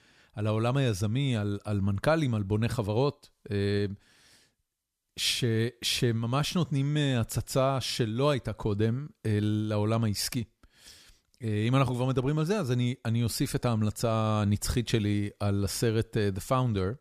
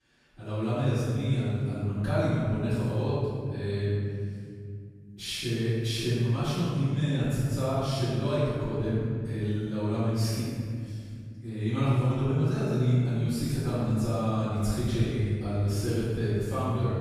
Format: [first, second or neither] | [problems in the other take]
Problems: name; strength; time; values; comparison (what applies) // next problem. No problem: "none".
first | room echo; strong; dies away in 2.6 s // off-mic speech; far